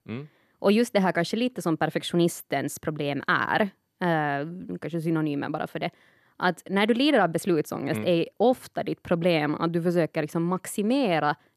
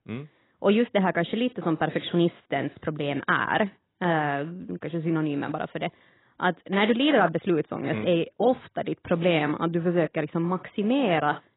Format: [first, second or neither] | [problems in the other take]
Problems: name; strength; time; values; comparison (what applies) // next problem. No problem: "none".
first | garbled, watery; badly; nothing above 3.5 kHz